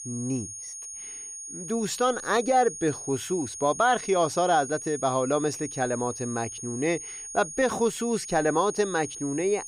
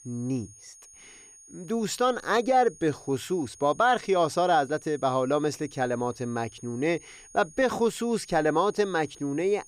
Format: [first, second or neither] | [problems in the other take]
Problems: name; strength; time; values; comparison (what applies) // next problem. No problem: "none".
second | high-pitched whine; loud; throughout; 6.5 kHz, 9 dB below the speech; faint in the second